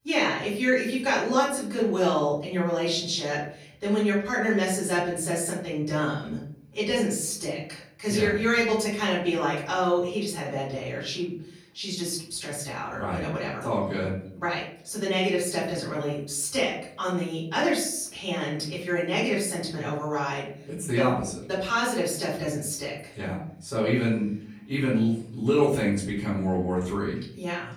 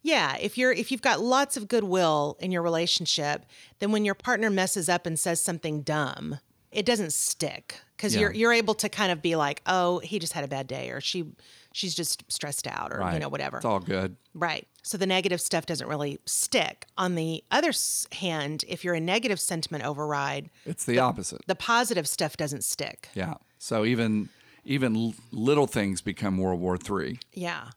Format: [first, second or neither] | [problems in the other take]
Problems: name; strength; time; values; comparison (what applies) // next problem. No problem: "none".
second | off-mic speech; far // room echo; noticeable; dies away in 0.5 s